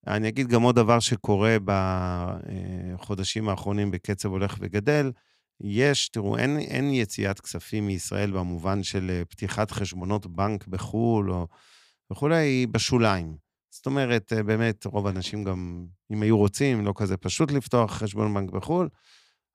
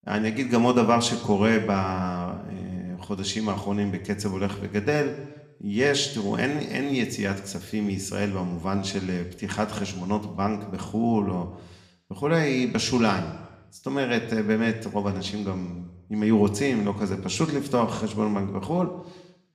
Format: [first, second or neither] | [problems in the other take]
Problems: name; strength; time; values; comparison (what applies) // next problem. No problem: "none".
first | room echo; very slight; dies away in 0.8 s